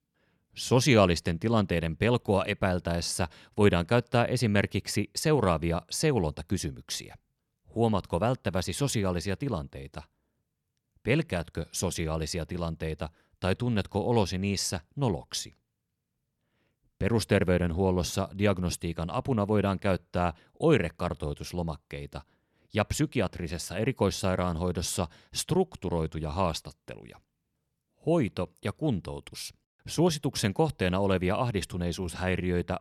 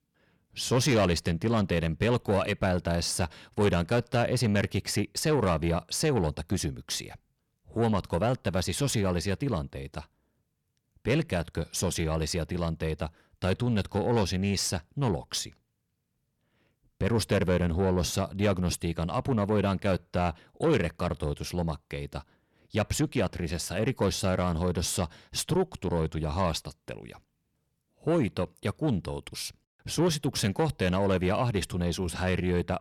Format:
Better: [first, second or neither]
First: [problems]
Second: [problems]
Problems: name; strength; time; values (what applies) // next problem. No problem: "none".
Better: first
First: none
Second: distortion; slight; 10 dB below the speech